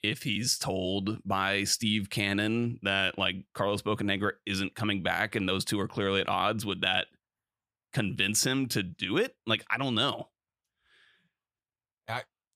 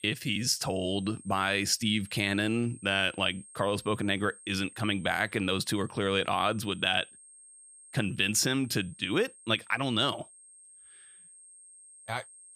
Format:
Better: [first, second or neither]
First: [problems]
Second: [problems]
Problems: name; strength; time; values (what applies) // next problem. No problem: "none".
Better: first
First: none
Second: high-pitched whine; faint; throughout; 8.5 kHz, 20 dB below the speech